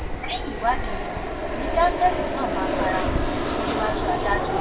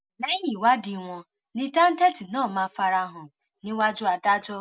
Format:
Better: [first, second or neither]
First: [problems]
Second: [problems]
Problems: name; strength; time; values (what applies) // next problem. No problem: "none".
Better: second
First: background sound (Fixed-wing aircraft, airplane); 2 dB above the speech // room echo; dies away in 0.2 s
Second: none